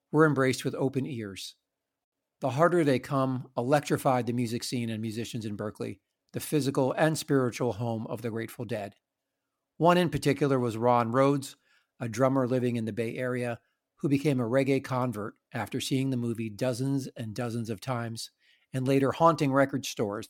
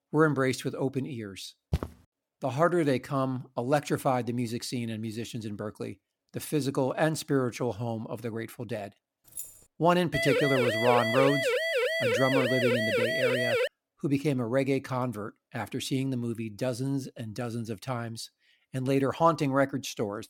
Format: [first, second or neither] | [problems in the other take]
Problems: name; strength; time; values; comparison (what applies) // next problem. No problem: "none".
first | footsteps; noticeable; at 1.5 s; peak 5 dB below the speech // jangling keys; faint; at 9.5 s; peak 10 dB below the speech // siren; loud; from 10 to 14 s; peak 3 dB above the speech